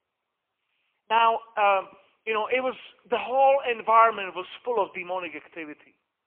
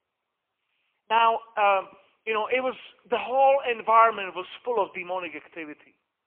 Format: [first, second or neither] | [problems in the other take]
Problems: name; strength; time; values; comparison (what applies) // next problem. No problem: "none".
neither | phone-call audio; poor line; nothing above 3 kHz; the same in both